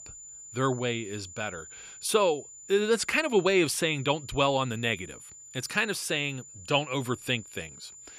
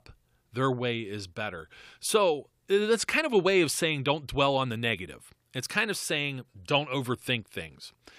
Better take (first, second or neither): second